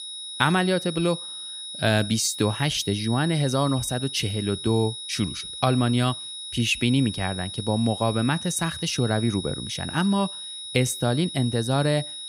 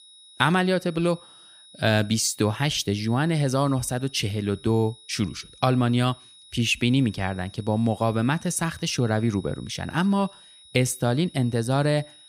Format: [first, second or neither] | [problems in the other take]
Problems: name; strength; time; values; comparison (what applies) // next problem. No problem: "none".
second | high-pitched whine; loud; throughout; 4 kHz, 8 dB below the speech; faint in the second